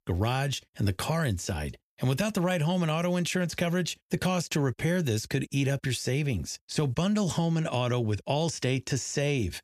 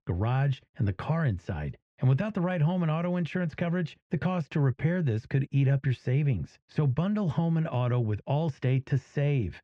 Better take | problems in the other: first | muffled; very; fading above 2 kHz

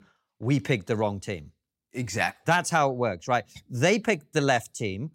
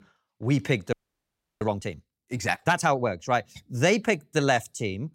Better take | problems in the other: first | audio freezing; at 1 s for 0.5 s

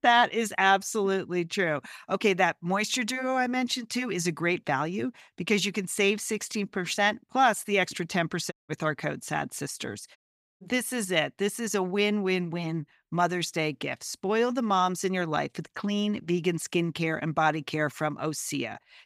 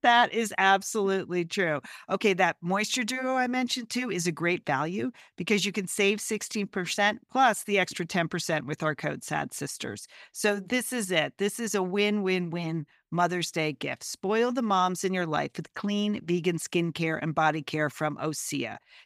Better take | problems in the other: second | audio cutting out; at 8.5 s and at 10 s

